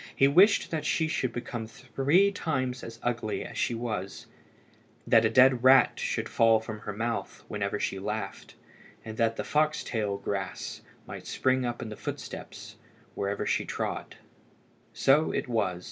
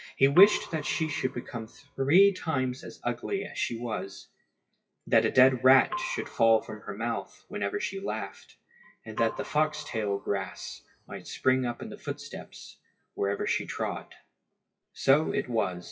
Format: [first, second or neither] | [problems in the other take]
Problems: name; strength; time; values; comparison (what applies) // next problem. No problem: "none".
first | noise reduction (classical method WPE with log-MMSE)